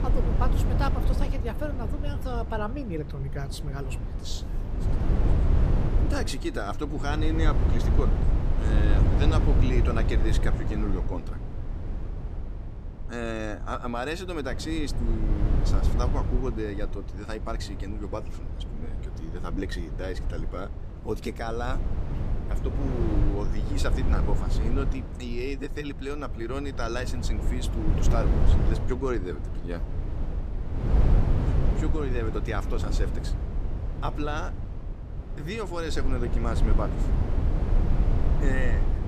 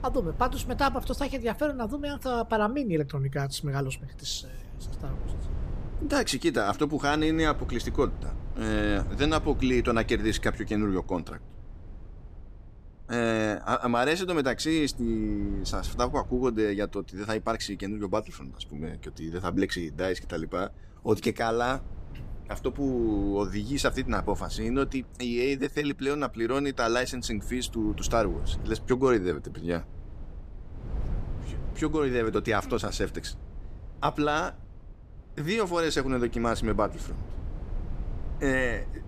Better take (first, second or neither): second